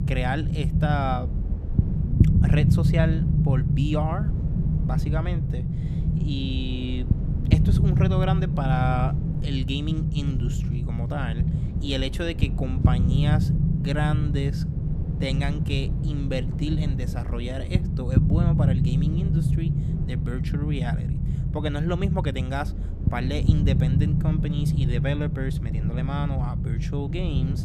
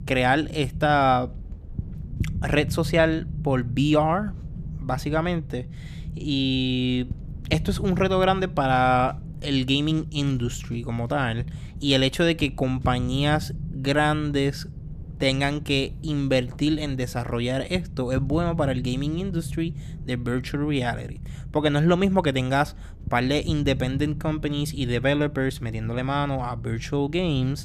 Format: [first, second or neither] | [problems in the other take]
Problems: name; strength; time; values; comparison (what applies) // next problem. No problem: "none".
second | low rumble; loud; throughout; 3 dB below the speech; faint in the second